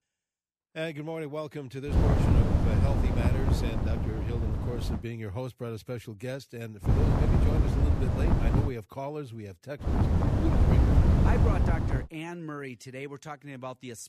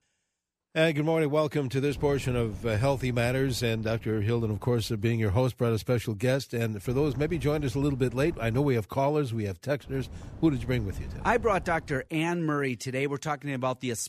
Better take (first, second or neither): second